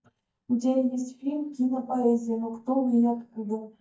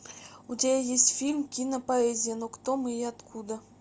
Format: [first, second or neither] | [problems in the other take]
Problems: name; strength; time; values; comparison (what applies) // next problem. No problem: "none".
second | noise reduction (neural mask model DeepFilterNet 3)